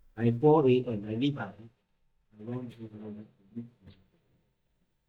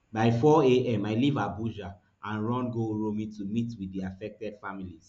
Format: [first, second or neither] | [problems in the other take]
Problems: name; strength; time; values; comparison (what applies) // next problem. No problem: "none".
second | noise reduction (neural mask model DeepFilterNet 3)